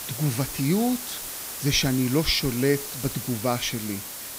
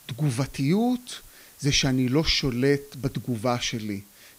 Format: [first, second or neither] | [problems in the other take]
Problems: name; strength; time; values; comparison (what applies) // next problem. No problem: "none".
second | hiss; loud; throughout; 7 dB below the speech; faint in the second